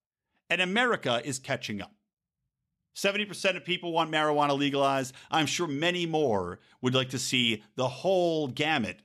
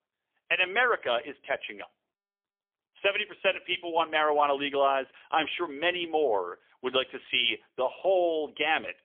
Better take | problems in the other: first | phone-call audio; poor line; nothing above 3.5 kHz

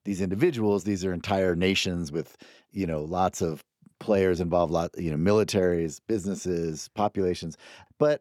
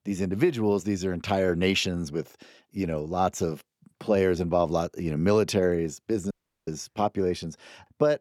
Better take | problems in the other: first | audio cutting out; at 6.5 s

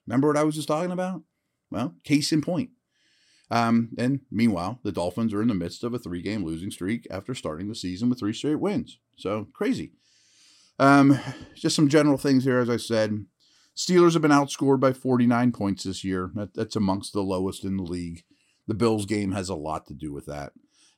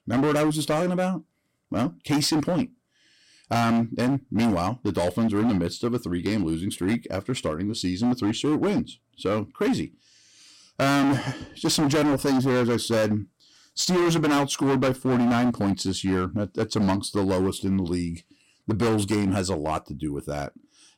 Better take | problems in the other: first | distortion; heavy; 16% of the sound clipped

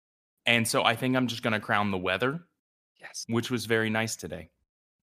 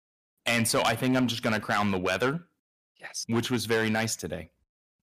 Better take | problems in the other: first | distortion; heavy; 5% of the sound clipped

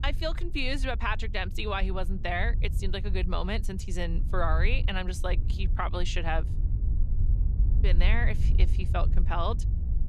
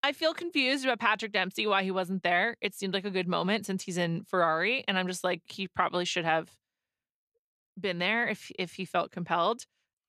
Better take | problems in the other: second | low rumble; noticeable; throughout; 15 dB below the speech

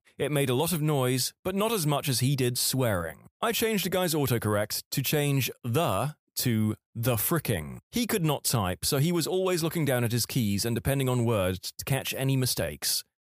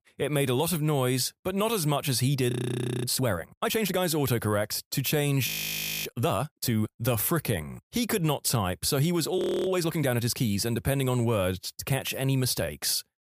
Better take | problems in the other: first | audio freezing; at 2.5 s for 0.5 s, at 5.5 s for 0.5 s and at 9.5 s

